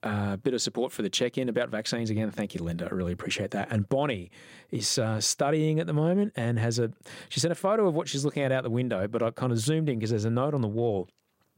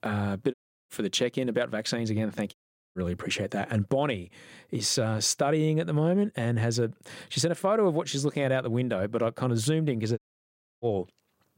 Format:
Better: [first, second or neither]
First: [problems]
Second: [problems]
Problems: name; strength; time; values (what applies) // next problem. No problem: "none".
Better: first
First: none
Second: audio cutting out; at 0.5 s, at 2.5 s and at 10 s for 0.5 s